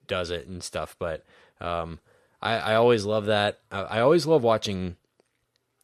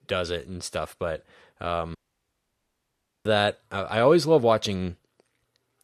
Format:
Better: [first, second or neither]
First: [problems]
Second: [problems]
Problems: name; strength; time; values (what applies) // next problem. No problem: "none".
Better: first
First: none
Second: audio cutting out; at 2 s for 1.5 s